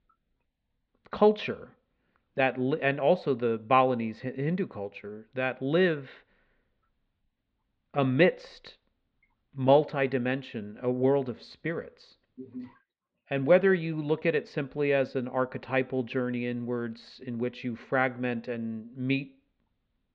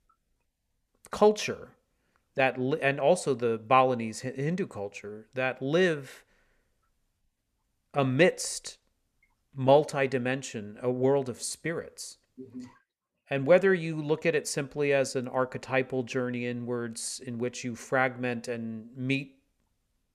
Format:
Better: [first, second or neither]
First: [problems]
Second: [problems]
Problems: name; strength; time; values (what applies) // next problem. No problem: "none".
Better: second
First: muffled; slightly; fading above 4 kHz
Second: none